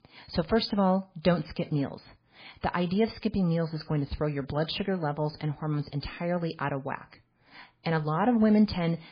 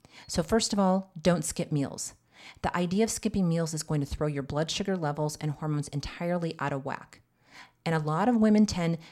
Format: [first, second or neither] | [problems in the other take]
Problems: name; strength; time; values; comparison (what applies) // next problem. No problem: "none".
second | garbled, watery; badly; nothing above 4.5 kHz